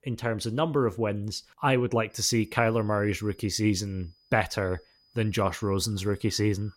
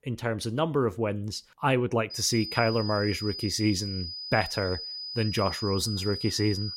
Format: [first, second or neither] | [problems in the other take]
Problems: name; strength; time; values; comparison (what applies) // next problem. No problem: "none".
first | high-pitched whine; loud; from 2 s on; 5 kHz, 6 dB below the speech; faint in the first